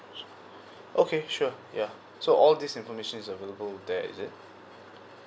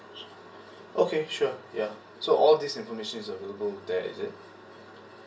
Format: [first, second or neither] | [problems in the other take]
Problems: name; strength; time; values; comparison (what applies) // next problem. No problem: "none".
first | room echo; dies away in 0.2 s